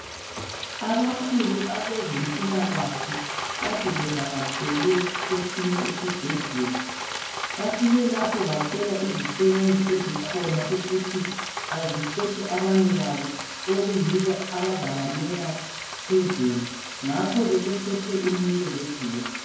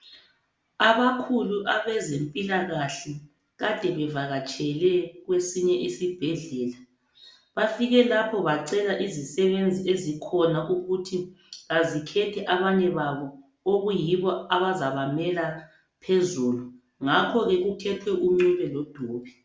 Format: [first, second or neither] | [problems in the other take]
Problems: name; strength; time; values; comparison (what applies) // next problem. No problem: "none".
second | background sound (Frying (food)); 6 dB below the speech // room echo; dies away in 0.9 s